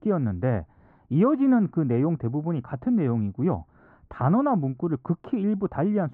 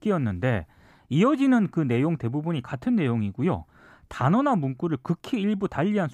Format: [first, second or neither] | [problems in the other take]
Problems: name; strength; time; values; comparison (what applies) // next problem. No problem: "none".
second | muffled; very; fading above 3 kHz